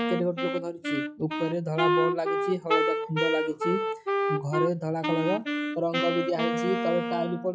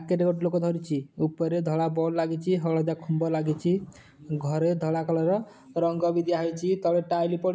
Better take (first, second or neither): second